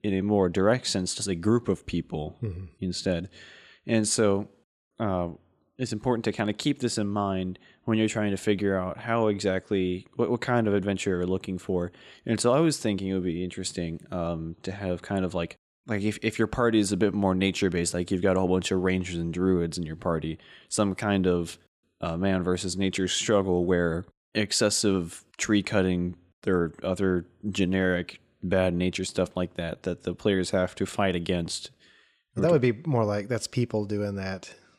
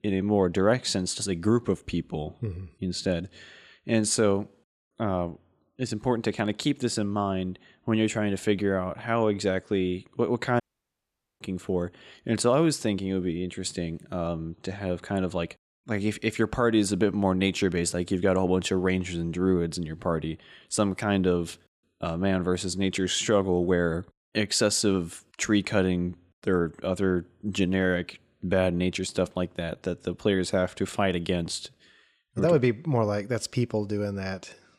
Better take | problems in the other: first | audio cutting out; at 11 s for 1 s

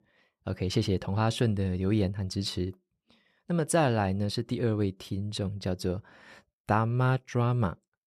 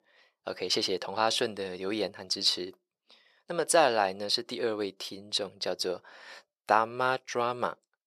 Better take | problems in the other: first | thin; very; fading below 550 Hz

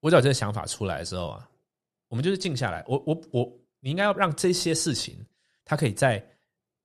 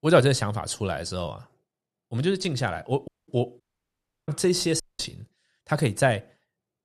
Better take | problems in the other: first | audio cutting out; at 3 s, at 3.5 s for 0.5 s and at 5 s

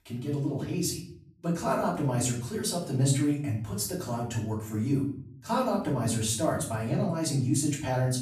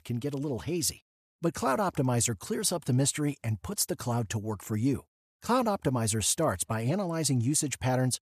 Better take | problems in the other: second | off-mic speech; far // room echo; noticeable; dies away in 0.6 s

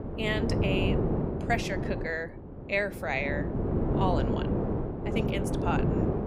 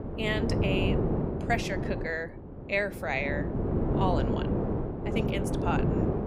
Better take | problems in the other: neither | wind noise on the microphone; heavy; 3 dB below the speech; the same in both

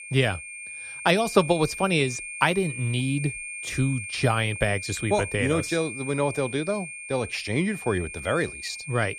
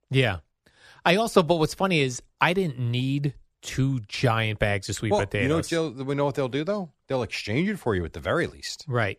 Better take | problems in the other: second | high-pitched whine; loud; throughout; 2.5 kHz, 9 dB below the speech

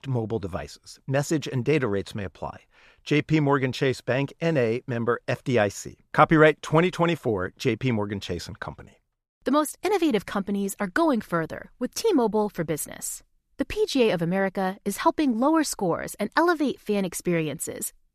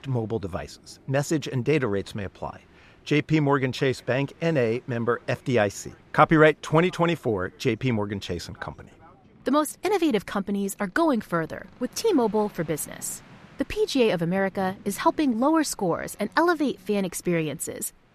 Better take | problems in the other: first | train or aircraft noise; faint; throughout; 30 dB below the speech

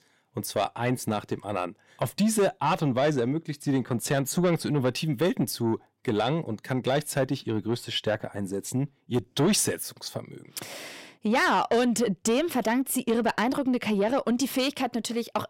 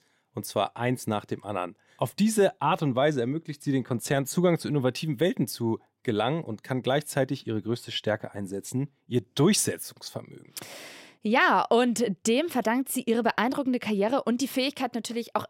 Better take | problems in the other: second | distortion; slight; 10 dB below the speech

